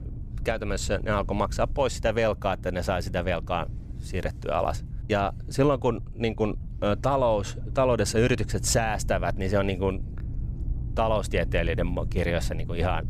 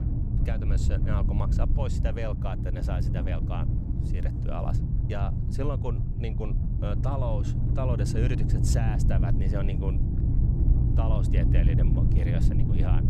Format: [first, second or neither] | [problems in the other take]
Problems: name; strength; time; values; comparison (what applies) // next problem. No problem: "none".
first | low rumble; loud; throughout; 1 dB below the speech; faint in the first